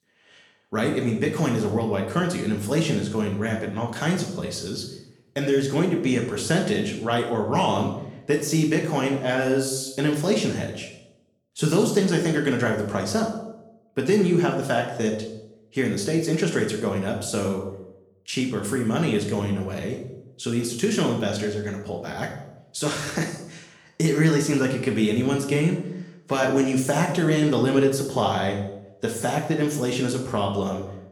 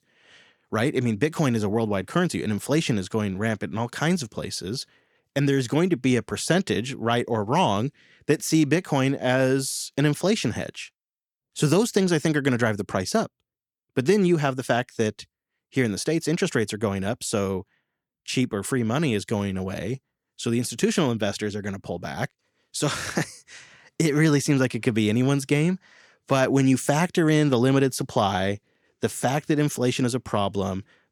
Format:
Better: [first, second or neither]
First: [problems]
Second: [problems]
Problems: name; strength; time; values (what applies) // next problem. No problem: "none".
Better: second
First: room echo; noticeable; dies away in 0.7 s // off-mic speech; somewhat distant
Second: none